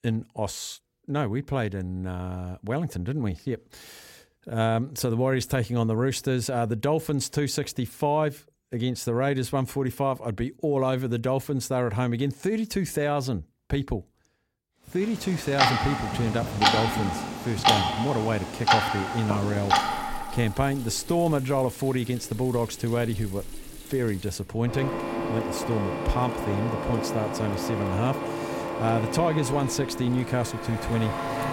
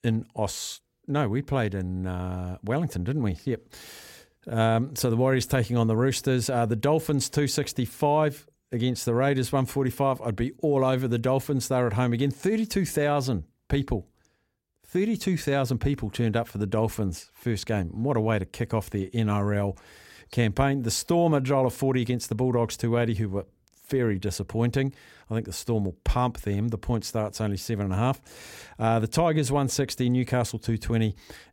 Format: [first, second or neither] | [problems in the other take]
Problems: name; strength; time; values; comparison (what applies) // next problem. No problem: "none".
second | household noises; loud; from 15 s on; as loud as the speech